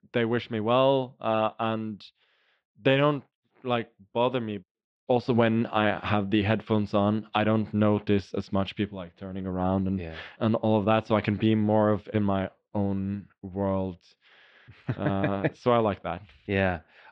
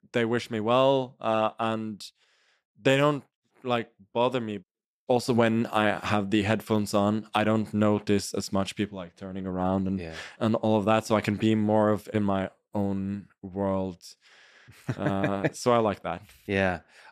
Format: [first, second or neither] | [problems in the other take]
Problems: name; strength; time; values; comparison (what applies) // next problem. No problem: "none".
second | muffled; slightly; fading above 3.5 kHz